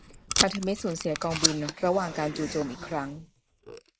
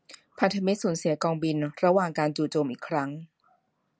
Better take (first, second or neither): second